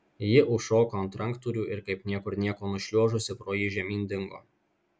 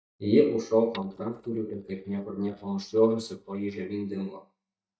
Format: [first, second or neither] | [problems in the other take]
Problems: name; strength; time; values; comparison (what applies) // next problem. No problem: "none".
first | noise reduction (neural mask model DeepFilterNet 3)